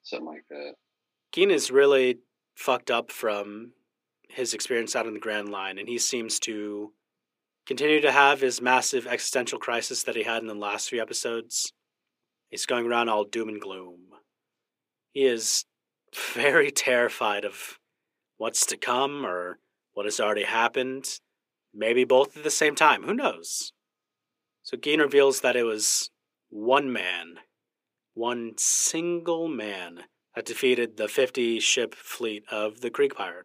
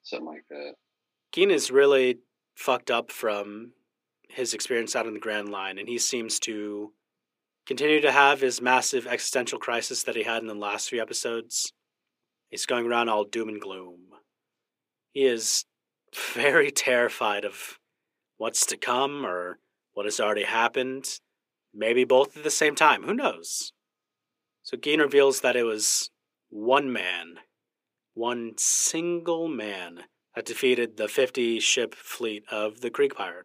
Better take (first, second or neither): neither